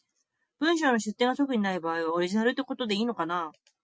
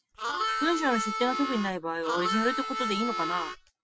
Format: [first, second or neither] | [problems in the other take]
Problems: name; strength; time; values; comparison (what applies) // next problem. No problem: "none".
first | background sound (Harmonica); 1 dB below the speech